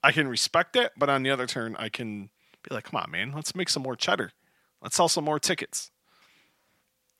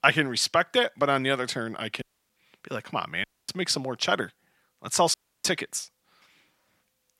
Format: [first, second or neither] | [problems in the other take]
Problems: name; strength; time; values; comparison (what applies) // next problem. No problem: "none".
first | audio cutting out; at 2 s, at 3 s and at 5 s